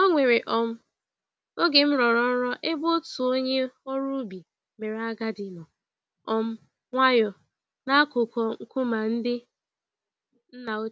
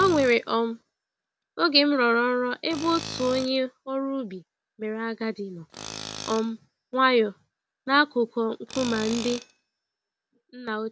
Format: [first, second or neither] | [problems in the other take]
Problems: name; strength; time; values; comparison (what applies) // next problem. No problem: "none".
first | background sound (Tools); 16 dB below the speech